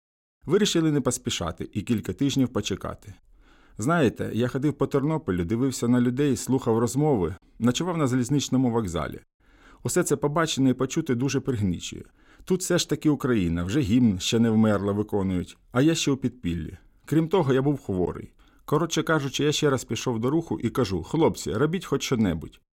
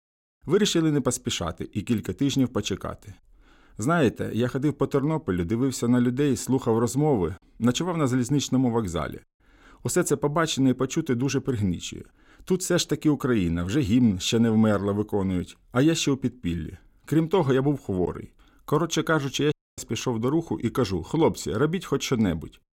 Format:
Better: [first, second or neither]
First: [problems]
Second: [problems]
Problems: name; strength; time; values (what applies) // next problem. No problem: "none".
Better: first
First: none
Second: audio cutting out; at 20 s